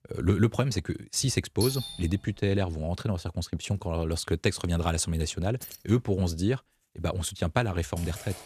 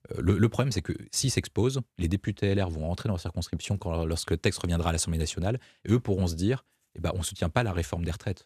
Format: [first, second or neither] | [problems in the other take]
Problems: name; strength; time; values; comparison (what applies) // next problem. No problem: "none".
second | doorbell; noticeable; at 1.5 s; peak 4 dB below the speech // jangling keys; faint; at 5.5 s; peak 15 dB below the speech // keyboard typing; faint; at 8 s; peak 15 dB below the speech